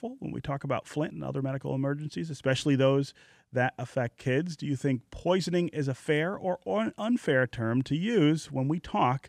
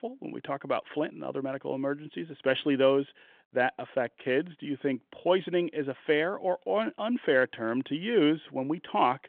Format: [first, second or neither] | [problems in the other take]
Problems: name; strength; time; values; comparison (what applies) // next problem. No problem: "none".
first | phone-call audio